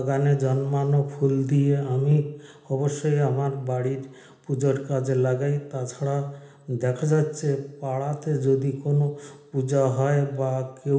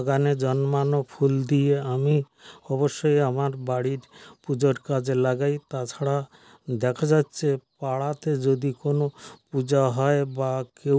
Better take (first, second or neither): second